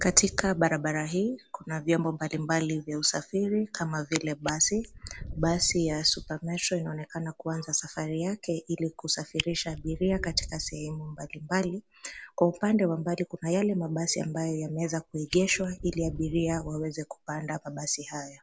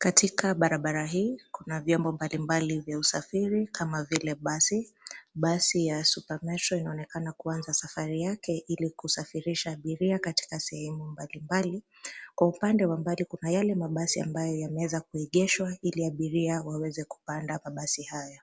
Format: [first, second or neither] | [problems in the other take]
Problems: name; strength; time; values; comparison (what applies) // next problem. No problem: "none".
second | background sound (Fire); 16 dB below the speech